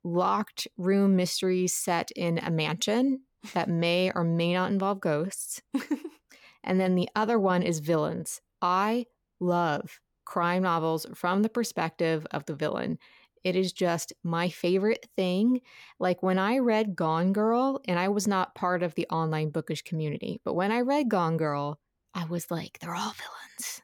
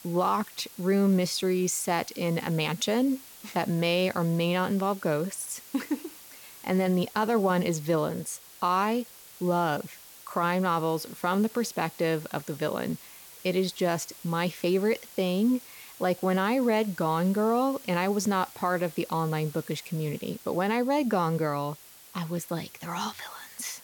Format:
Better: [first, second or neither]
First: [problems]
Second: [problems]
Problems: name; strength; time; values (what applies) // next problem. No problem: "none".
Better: first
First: none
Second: hiss; noticeable; throughout; 20 dB below the speech